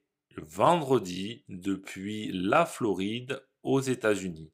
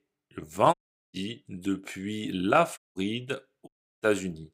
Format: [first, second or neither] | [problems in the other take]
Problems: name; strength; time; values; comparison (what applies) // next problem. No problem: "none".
first | audio cutting out; at 0.5 s, at 3 s and at 3.5 s